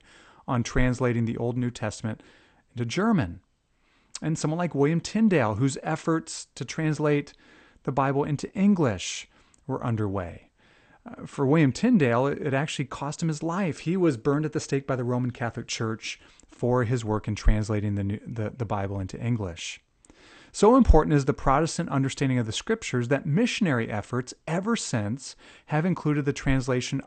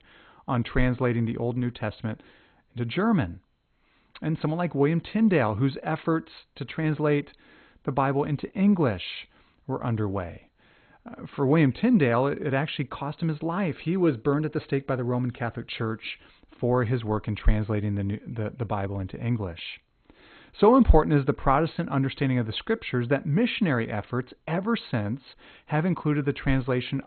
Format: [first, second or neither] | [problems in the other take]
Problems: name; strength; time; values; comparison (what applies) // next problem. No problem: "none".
first | garbled, watery; badly; nothing above 4 kHz; slightly in the first